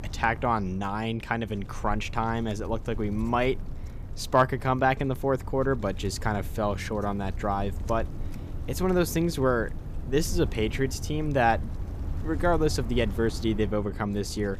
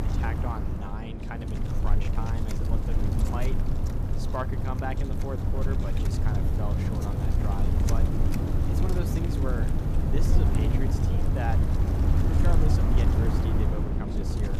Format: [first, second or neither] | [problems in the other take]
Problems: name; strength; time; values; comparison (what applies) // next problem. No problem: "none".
first | wind noise on the microphone; heavy; 1 dB above the speech; occasional gusts in the first